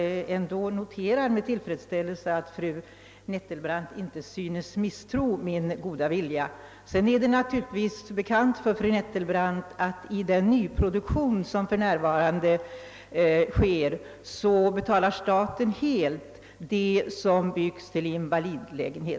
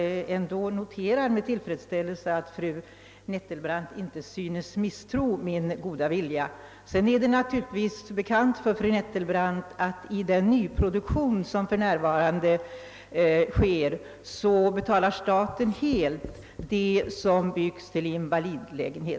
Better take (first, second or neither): first